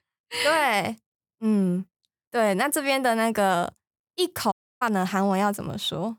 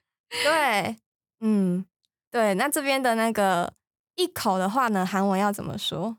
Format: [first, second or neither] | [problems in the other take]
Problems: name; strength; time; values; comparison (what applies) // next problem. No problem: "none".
second | audio cutting out; at 4.5 s